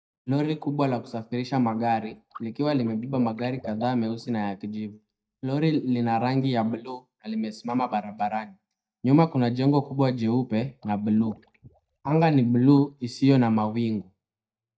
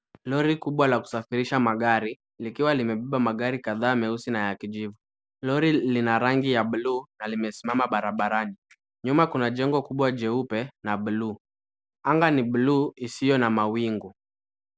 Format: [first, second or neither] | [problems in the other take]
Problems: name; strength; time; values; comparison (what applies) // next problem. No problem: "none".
second | noise reduction (neural mask model DeepFilterNet 3)